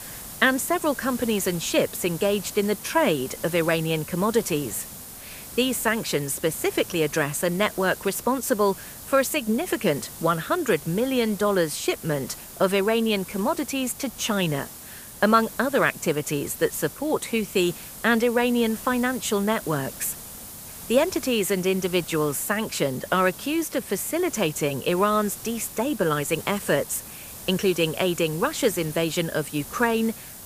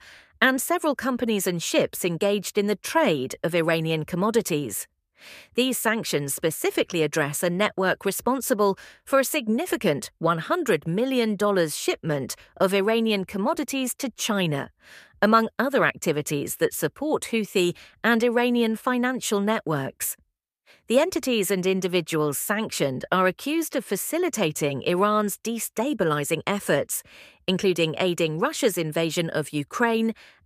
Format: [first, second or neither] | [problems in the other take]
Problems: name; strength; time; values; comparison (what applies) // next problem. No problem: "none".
second | hiss; noticeable; throughout; 15 dB below the speech